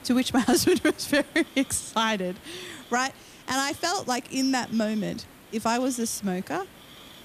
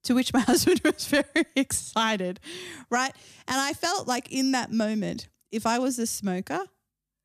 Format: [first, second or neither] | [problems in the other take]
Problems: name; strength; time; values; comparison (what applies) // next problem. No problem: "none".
second | hiss; faint; throughout; 20 dB below the speech